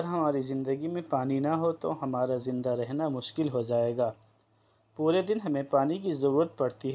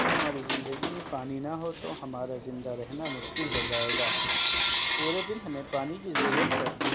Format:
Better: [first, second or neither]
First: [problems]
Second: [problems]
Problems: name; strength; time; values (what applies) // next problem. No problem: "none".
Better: first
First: none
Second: background sound (Coin (dropping) / Bell); 4 dB above the speech